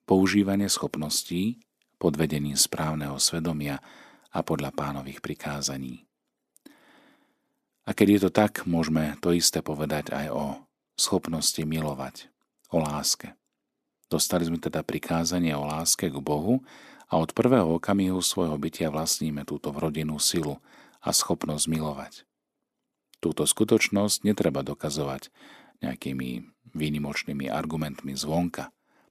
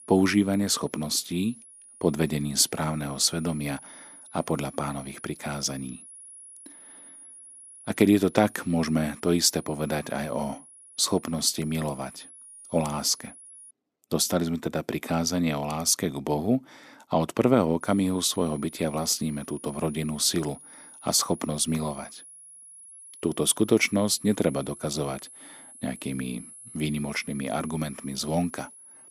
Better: first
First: none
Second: high-pitched whine; noticeable; until 14 s and from 18 s on; 10.5 kHz, 20 dB below the speech

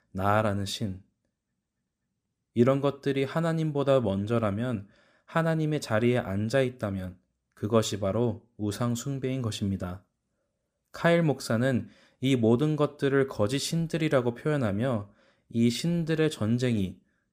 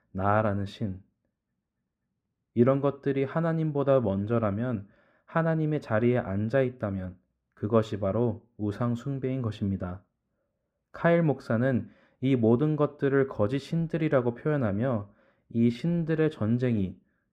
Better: first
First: none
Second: muffled; very; fading above 3.5 kHz

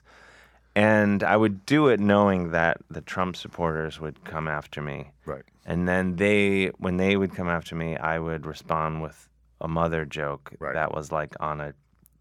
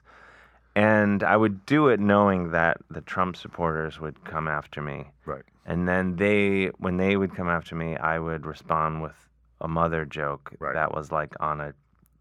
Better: first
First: none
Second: muffled; very slightly; fading above 3.5 kHz

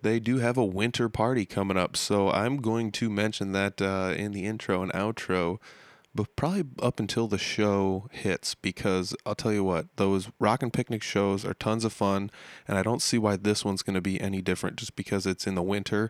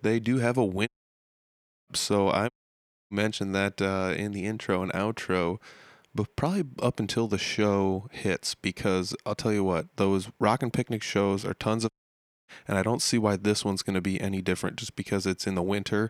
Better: first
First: none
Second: audio cutting out; at 1 s for 1 s, at 2.5 s for 0.5 s and at 12 s for 0.5 s

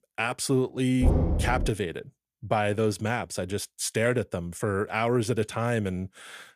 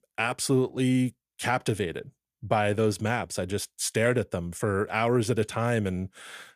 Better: second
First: door banging; loud; at 1 s; peak 3 dB above the speech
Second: none

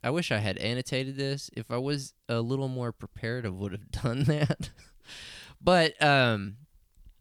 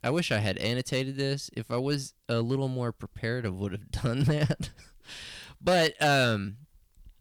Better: first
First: none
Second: distortion; slight; 3% of the sound clipped

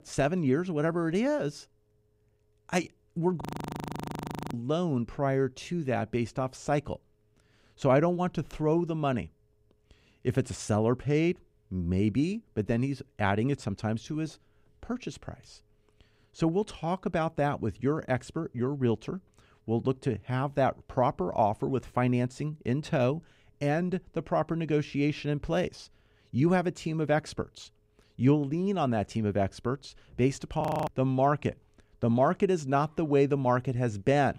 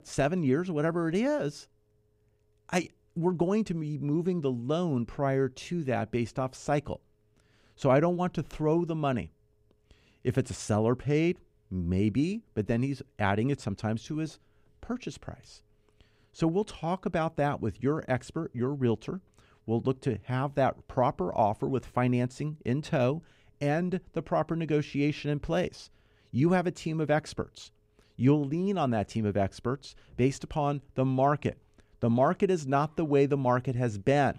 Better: second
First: audio freezing; at 3.5 s for 1 s and at 31 s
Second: none

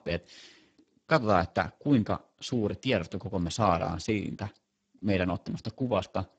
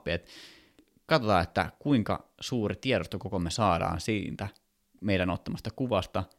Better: second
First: garbled, watery; badly; nothing above 8 kHz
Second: none

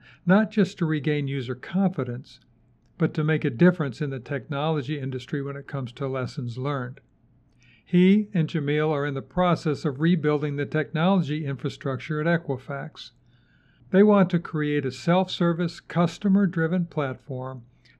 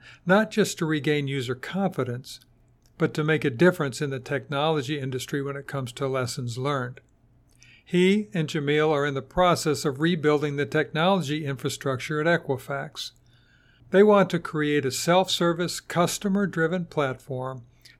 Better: second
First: muffled; very slightly; fading above 3.5 kHz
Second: none

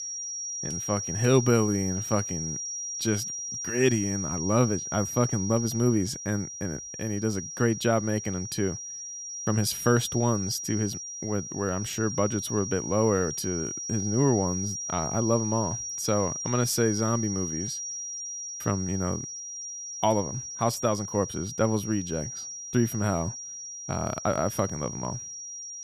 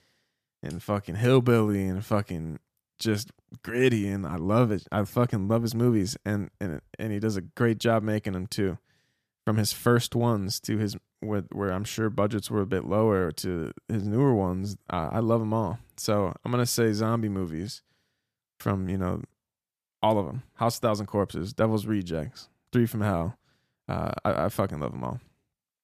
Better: second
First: high-pitched whine; loud; throughout; 5.5 kHz, 5 dB below the speech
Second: none

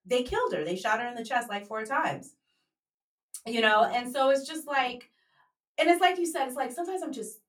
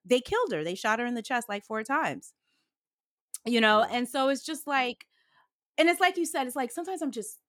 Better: second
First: off-mic speech; far // room echo; very slight; dies away in 0.2 s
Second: none

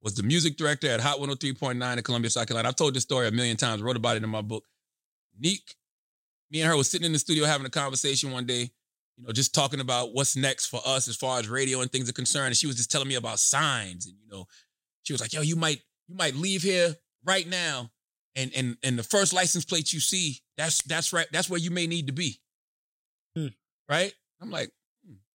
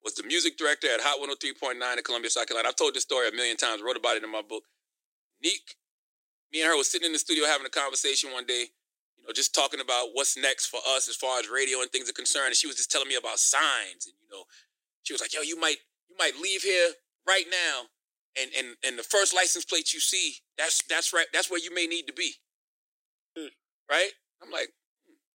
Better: first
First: none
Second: thin; very; fading below 300 Hz

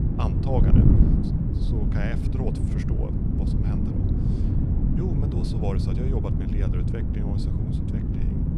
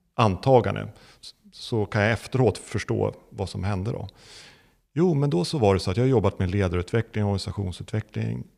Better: second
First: wind noise on the microphone; heavy; 3 dB above the speech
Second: none

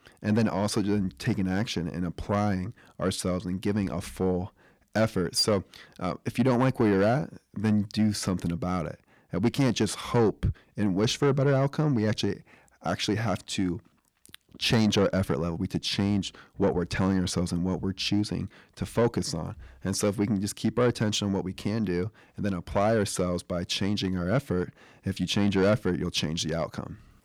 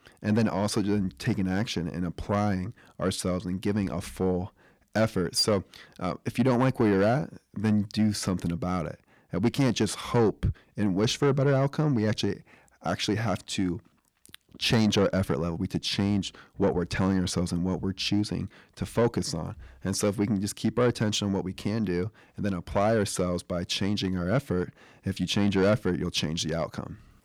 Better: neither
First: distortion; slight; 10 dB below the speech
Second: distortion; slight; 10 dB below the speech

